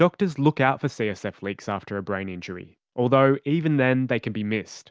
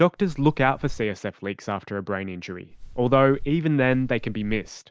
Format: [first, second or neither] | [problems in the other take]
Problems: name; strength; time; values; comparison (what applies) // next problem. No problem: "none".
first | noise reduction (neural mask model DeepFilterNet 3)